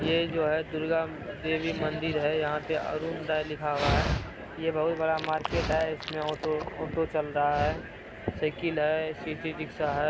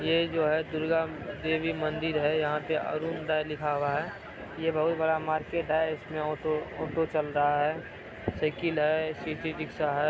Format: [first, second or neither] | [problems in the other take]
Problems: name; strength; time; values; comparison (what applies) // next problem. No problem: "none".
second | background sound (Dog); 8 dB below the speech